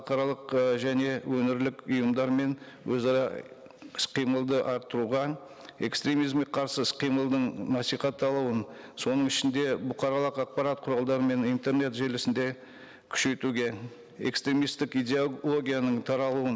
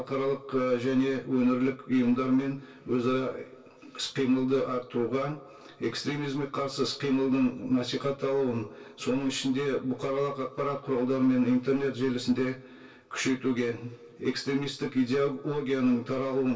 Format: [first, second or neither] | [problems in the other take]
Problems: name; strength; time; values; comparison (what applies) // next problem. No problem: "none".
first | room echo; dies away in 0.1 s